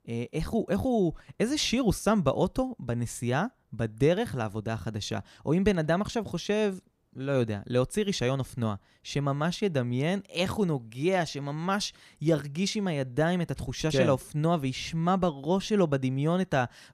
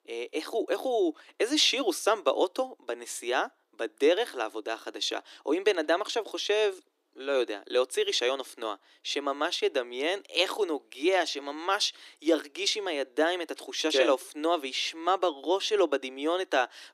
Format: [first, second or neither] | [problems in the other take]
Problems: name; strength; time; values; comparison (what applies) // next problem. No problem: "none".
first | thin; very; fading below 300 Hz